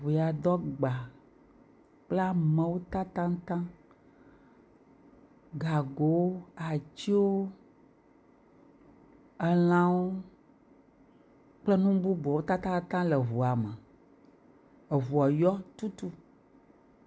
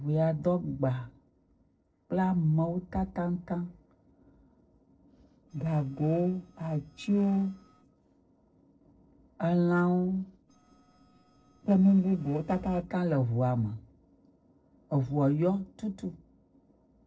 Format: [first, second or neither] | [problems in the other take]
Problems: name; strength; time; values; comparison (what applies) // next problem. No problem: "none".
first | noise reduction (neural separator model SepFormer DNS4)